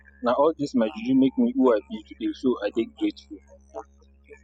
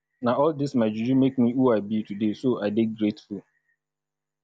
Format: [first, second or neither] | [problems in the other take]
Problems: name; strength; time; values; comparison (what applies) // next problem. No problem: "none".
second | noise reduction (classical method spectral subtraction)